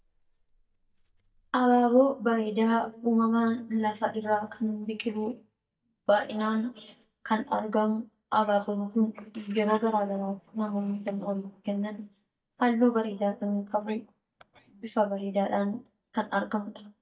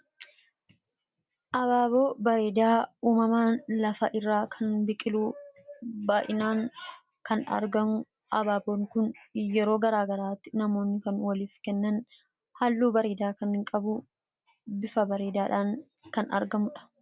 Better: second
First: noise reduction (neural mask model DeepFilterNet 3)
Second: none

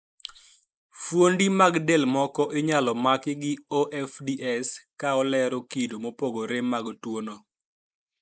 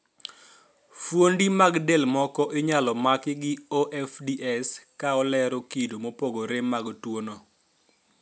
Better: second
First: noise reduction (neural mask model Resemble Enhance denoiser)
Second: none

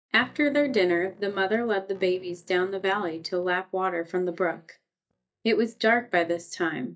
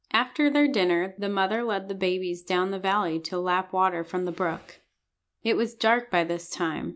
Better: second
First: noise reduction (neural mask model DeepFilterNet 3)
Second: none

